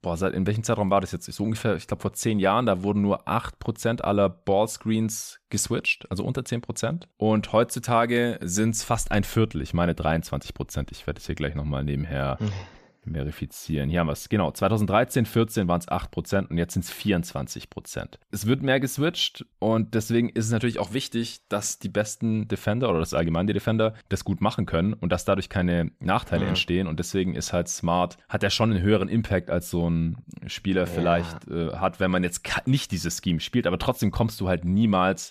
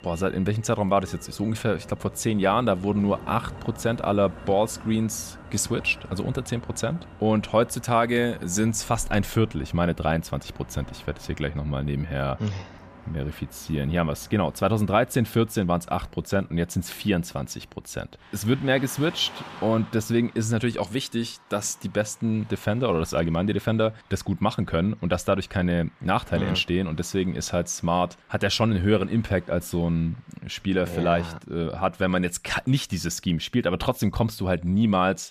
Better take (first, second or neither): first